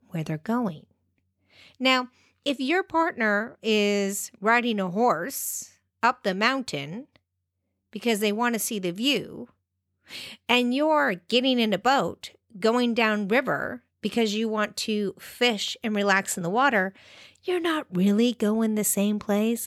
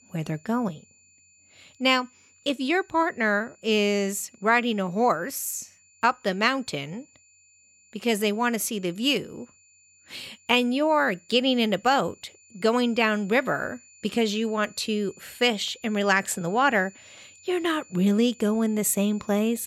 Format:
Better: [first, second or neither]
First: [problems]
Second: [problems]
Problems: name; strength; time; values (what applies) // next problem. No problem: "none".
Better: first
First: none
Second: high-pitched whine; faint; throughout; 7 kHz, 30 dB below the speech